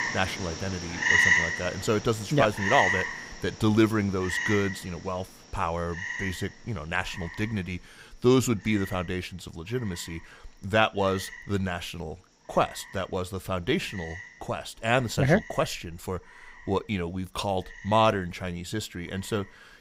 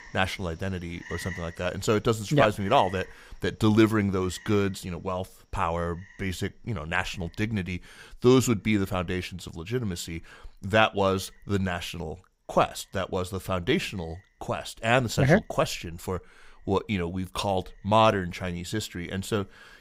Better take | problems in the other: second | animal sounds; loud; throughout; as loud as the speech; faint in the second

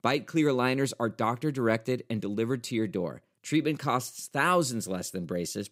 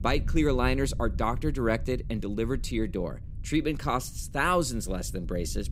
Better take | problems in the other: first | low rumble; faint; throughout; 25 dB below the speech

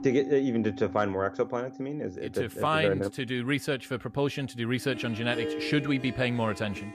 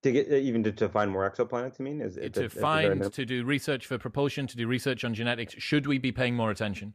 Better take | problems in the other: second | background music; noticeable; throughout; 10 dB below the speech

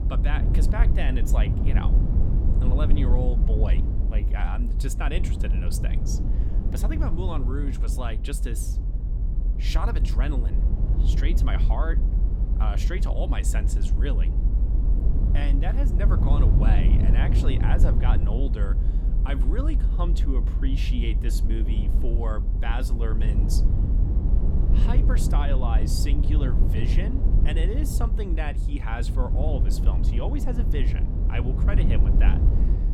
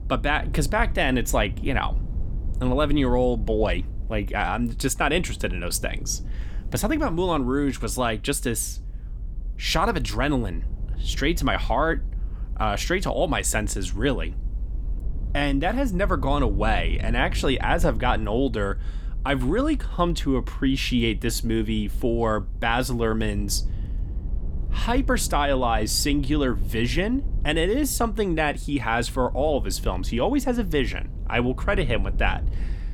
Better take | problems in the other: second | low rumble; loud; throughout; 4 dB below the speech; faint in the second

